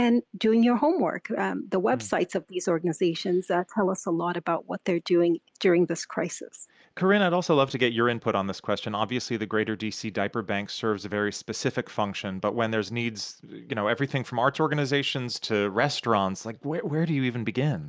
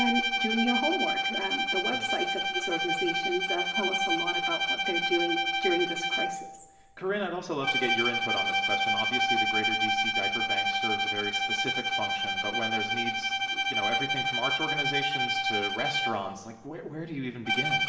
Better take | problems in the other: first | background sound (Bowed string instrument); 5 dB above the speech // room echo; dies away in 1.1 s

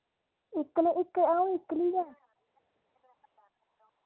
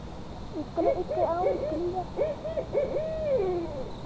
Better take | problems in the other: first | background sound (Cricket / Bird); 4 dB above the speech

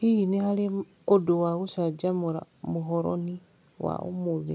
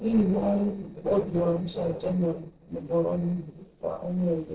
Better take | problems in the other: first | noise reduction (neural separator model SepFormer DNS4)

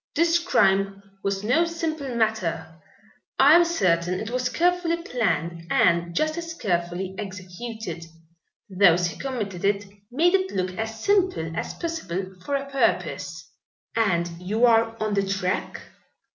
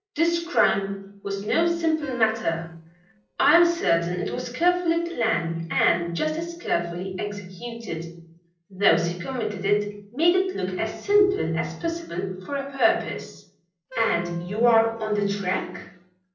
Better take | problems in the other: first | noise reduction (neural separator model SepFormer DNS4)

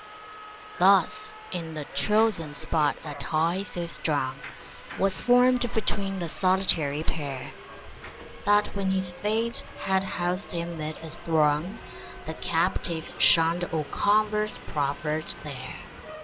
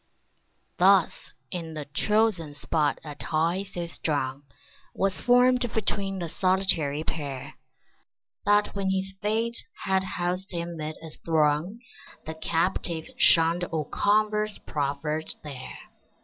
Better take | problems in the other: second | background sound (Subway, metro, underground); 15 dB below the speech

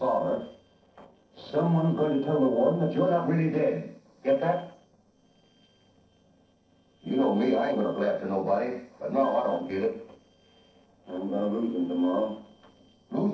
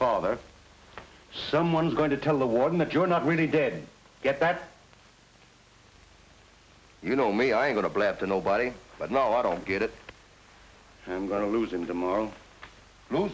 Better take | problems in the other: second | noise reduction (neural separator model SepFormer DNS4)

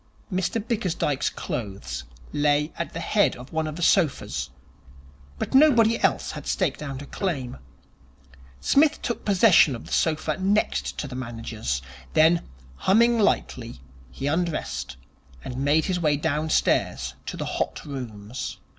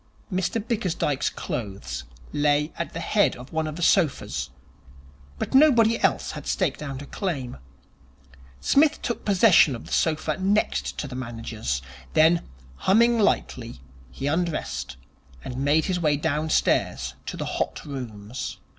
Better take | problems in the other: second | background sound (Piano); 17 dB below the speech

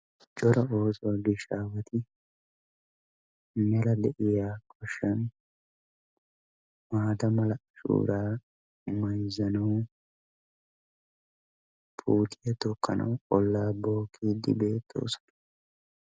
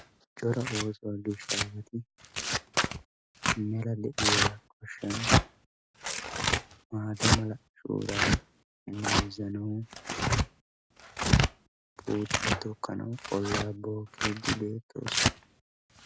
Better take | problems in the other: first | background sound (Tearing); 5 dB above the speech

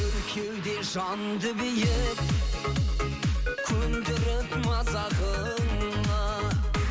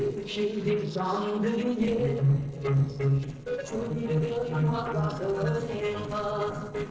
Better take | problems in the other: first | noise reduction (neural separator model SepFormer DNS4)

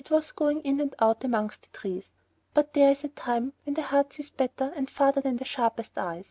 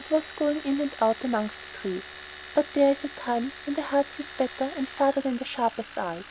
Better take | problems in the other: first | background sound (Domestic sounds, home sounds); 15 dB below the speech

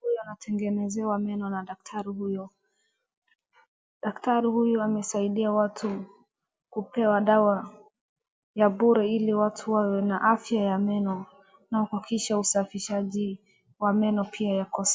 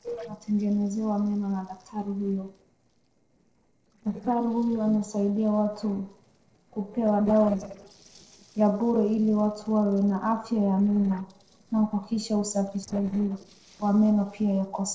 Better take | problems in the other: first | noise reduction (neural separator model SepFormer DNS4)

